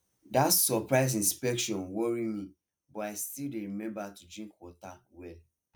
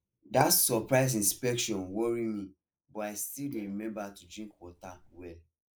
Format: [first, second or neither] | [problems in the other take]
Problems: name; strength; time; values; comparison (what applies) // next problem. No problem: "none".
first | noise reduction (neural mask model Resemble Enhance denoiser)